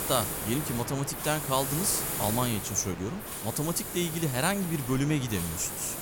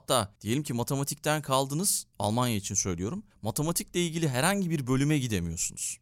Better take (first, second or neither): second